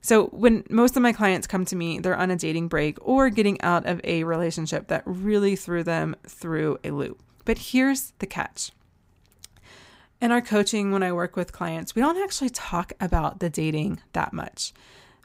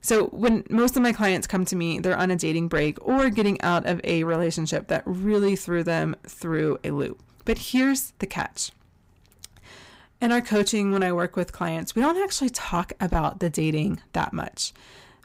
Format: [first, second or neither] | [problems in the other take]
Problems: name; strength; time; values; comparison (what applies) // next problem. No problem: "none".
first | distortion; slight; 10 dB below the speech